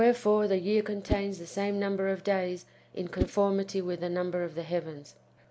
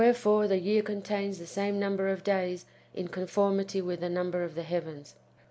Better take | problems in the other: second | background sound (Whoosh, swoosh, swish); 11 dB below the speech

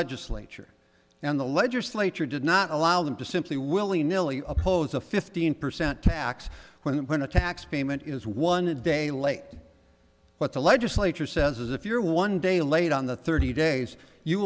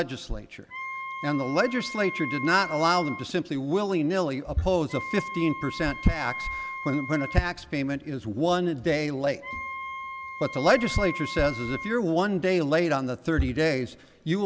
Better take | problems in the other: first | background sound (Wind instrument, woodwind instrument); 10 dB below the speech

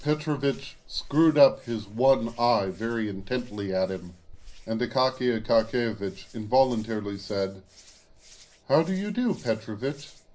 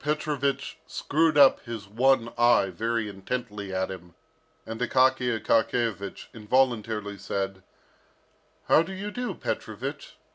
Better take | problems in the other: second | background sound (Hands); 20 dB below the speech // room echo; dies away in 0.5 s

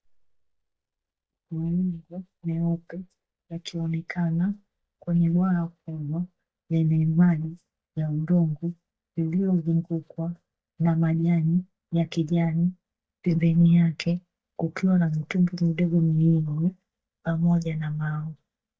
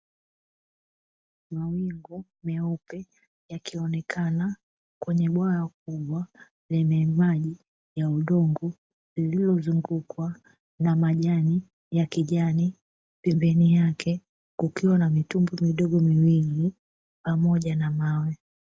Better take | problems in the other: second | noise reduction (neural mask model DeepFilterNet 3)

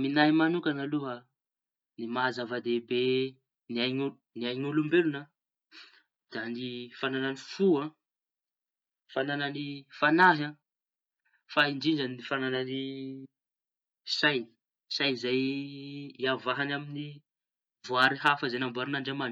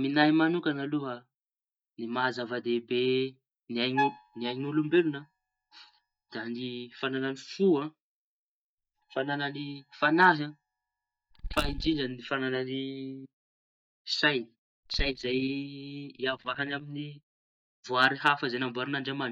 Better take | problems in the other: first | noise reduction (neural mask model DeepFilterNet 3)

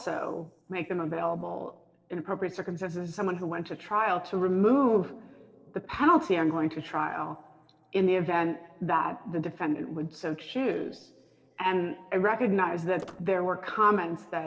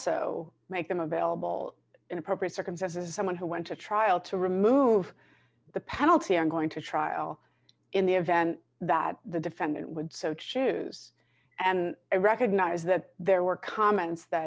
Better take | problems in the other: second | noise reduction (neural separator model SepFormer DNS4)

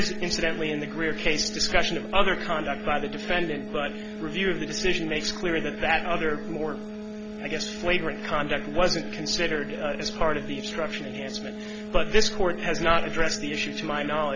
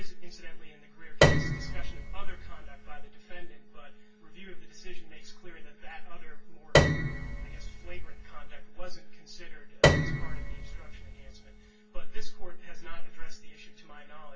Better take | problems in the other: first | background sound (Piano); 2 dB above the speech // room echo; dies away in 0.2 s

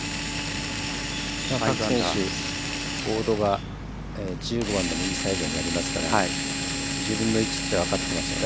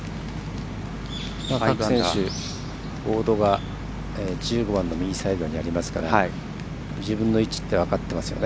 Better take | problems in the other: second | background sound (Drill); 3 dB below the speech

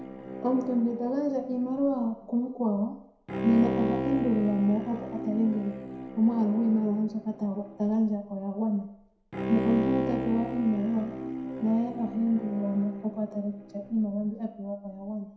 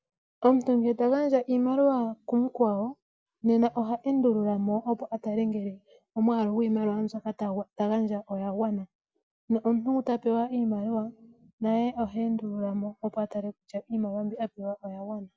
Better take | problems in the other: second | background sound (Bowed string instrument); 8 dB below the speech // room echo; dies away in 0.6 s

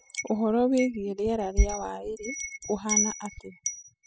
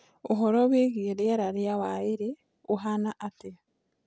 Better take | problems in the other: second | noise reduction (classical method spectral subtraction)

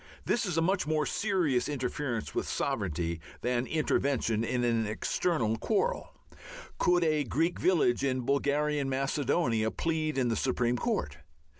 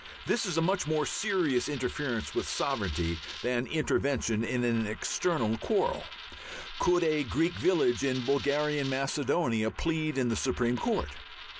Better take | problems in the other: first | background sound (Coin (dropping)); 15 dB below the speech

